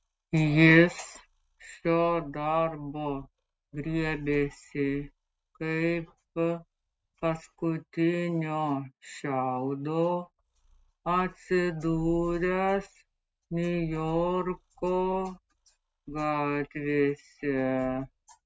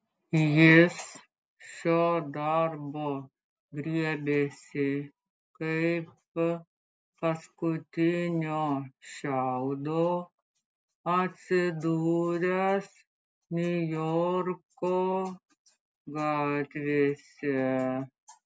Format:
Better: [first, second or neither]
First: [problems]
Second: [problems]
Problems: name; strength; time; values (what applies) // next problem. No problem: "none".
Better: second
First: noise reduction (neural mask model RNNoise)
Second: none